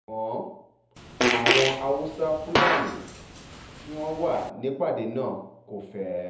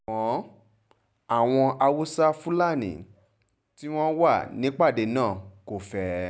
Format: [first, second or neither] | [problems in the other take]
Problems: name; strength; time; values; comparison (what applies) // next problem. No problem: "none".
second | background sound (Fart); 3 dB above the speech // room echo; dies away in 0.7 s